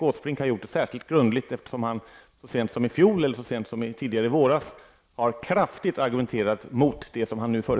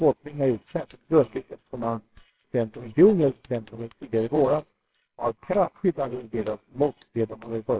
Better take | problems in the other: first | noise reduction (neural separator model SepFormer WHAMR!)

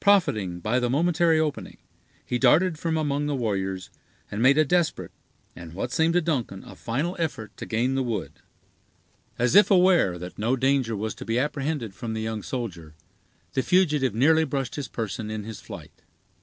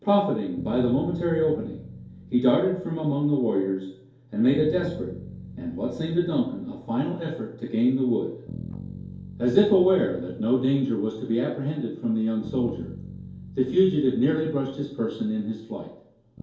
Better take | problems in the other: first | background sound (Bass guitar); 16 dB below the speech // room echo; dies away in 2.4 s

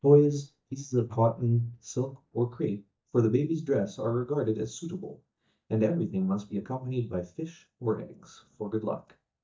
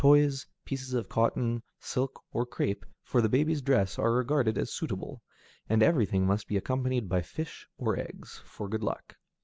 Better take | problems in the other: second | noise reduction (neural mask model DeepFilterNet 3)

